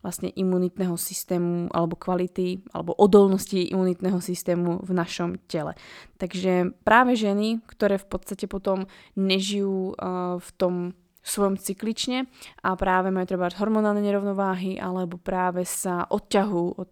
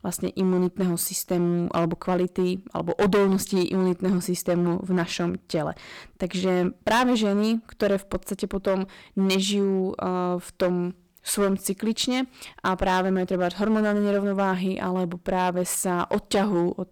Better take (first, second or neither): first